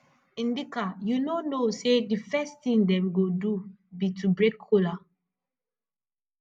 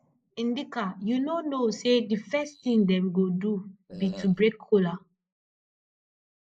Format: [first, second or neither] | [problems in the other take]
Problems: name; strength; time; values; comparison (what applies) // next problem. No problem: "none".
first | noise reduction (neural mask model Resemble Enhance denoiser)